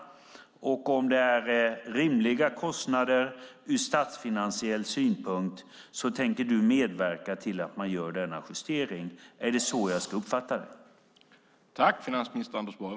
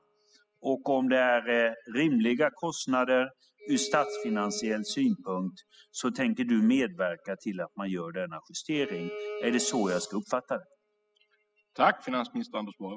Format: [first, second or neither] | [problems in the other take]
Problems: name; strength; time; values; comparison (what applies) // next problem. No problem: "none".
first | noise reduction (classical method spectral subtraction)